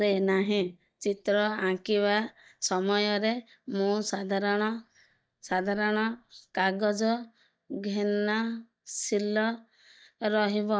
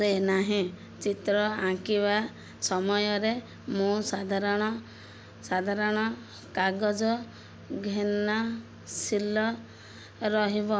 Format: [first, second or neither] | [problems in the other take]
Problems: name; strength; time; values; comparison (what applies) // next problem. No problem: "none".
second | noise reduction (neural mask model DeepFilterNet 3)